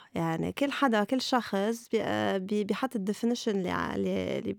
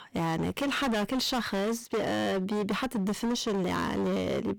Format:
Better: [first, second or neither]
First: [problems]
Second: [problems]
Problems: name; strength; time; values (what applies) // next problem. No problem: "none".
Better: first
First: none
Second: distortion; heavy; 28% of the sound clipped